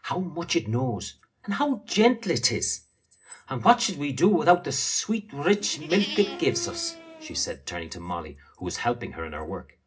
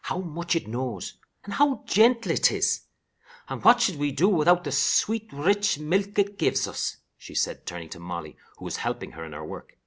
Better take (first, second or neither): second